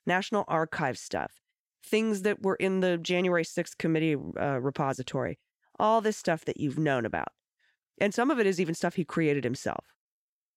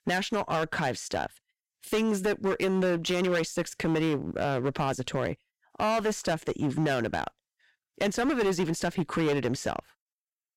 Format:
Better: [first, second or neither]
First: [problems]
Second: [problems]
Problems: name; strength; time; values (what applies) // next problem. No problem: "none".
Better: first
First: none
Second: distortion; heavy; 14% of the sound clipped